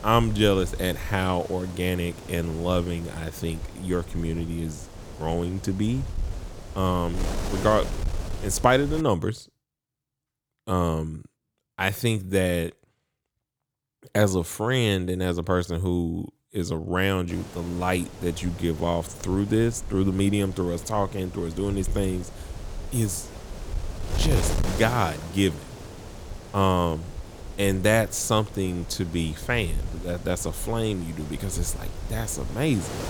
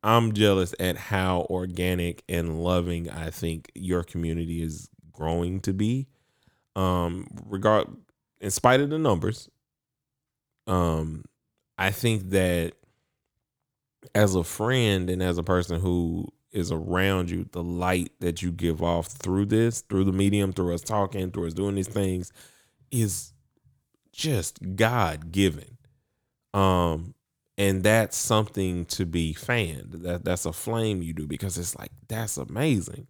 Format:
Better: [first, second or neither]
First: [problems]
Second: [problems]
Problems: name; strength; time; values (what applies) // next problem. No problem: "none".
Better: second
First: wind noise on the microphone; occasional gusts; until 9 s and from 17 s on; 15 dB below the speech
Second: none